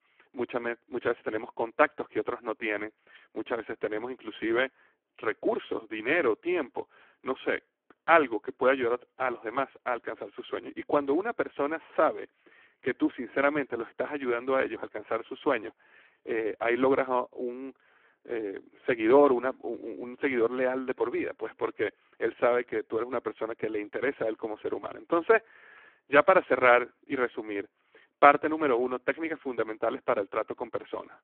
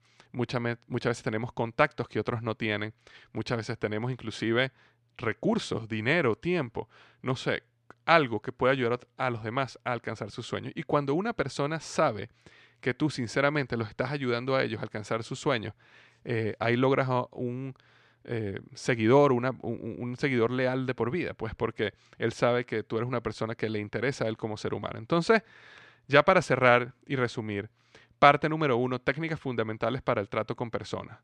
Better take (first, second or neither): second